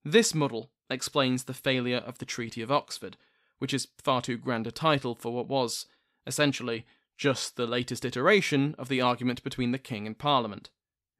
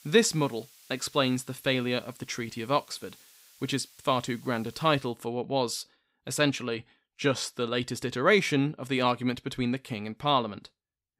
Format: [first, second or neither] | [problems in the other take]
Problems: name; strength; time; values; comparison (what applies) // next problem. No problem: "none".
first | hiss; faint; until 5 s; 25 dB below the speech